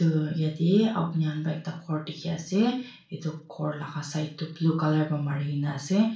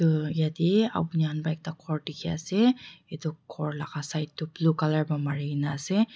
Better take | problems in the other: second | room echo; dies away in 0.3 s

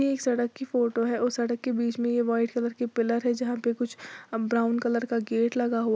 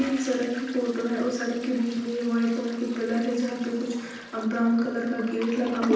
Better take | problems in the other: first | background sound (Toilet flush); 13 dB below the speech // room echo; dies away in 0.9 s

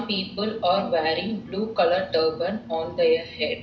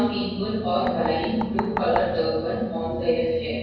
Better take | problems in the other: first | background sound (Knock); 11 dB below the speech // room echo; dies away in 1.3 s

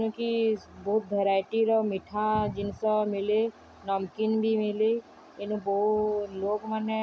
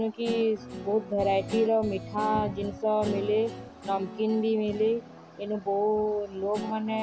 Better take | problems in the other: first | background sound (Guitar); 11 dB below the speech

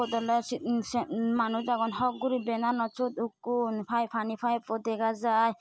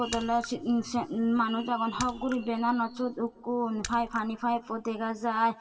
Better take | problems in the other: first | background sound (Raindrop / Splash, splatter); 17 dB below the speech // room echo; dies away in 1.3 s

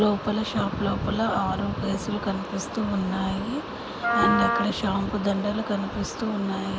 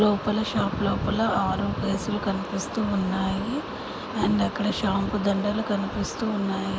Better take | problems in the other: second | background sound (Wind instrument, woodwind instrument); 2 dB below the speech

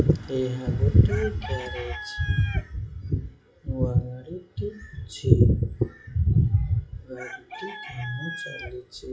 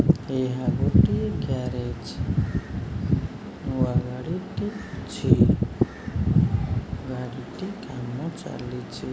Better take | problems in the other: second | noise reduction (classical method WPE with log-MMSE)

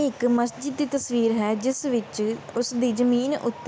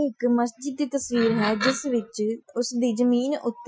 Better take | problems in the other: first | noise reduction (classical method Wiener filter)

